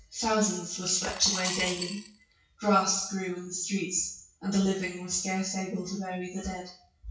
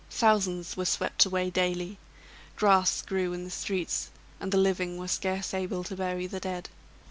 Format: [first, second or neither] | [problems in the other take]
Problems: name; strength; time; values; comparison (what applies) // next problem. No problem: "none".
second | noise reduction (classical method WPE with log-MMSE)